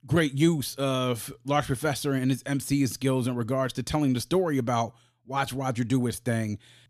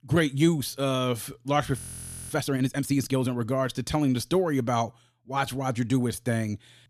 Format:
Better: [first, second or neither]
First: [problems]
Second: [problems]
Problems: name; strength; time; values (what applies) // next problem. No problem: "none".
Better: first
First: none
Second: audio freezing; at 2 s for 0.5 s